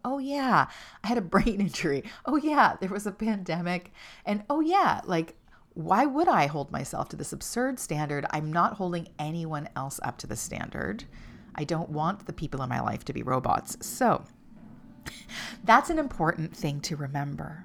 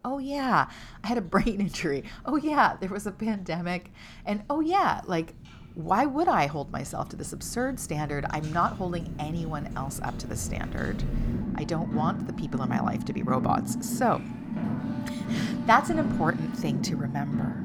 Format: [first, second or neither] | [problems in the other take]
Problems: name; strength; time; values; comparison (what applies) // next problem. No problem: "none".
first | traffic noise; loud; throughout; 4 dB below the speech; faint in the first